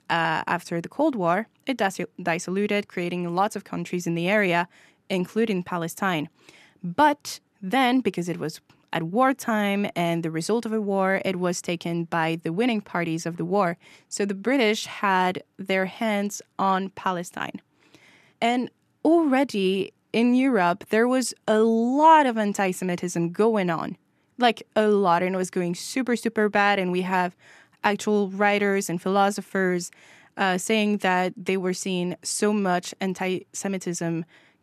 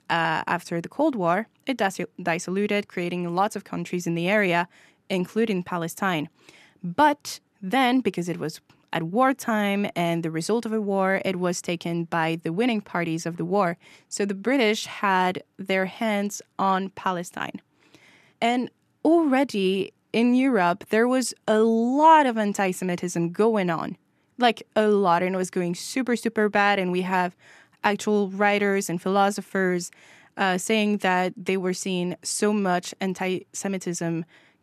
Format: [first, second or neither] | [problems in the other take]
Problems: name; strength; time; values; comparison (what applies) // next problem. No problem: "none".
neither | none